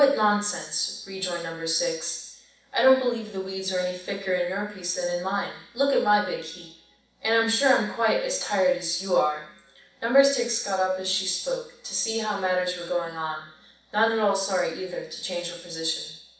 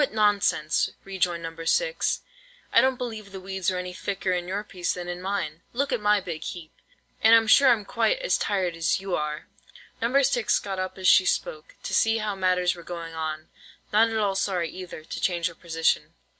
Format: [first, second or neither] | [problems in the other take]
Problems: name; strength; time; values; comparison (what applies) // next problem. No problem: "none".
second | room echo; dies away in 0.7 s